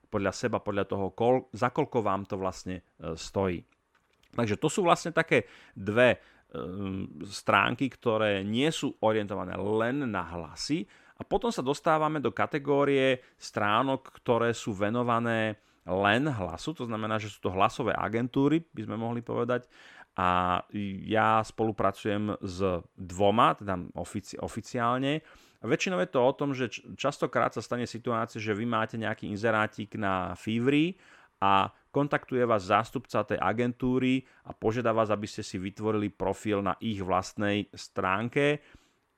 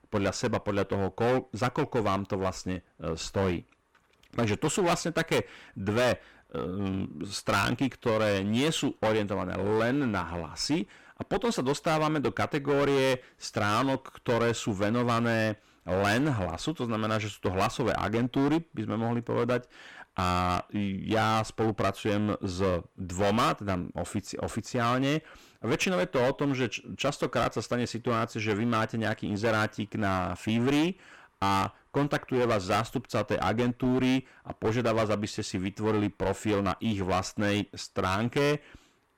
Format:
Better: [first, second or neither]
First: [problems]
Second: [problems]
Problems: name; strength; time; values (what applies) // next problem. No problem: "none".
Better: first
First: none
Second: distortion; heavy; 13% of the sound clipped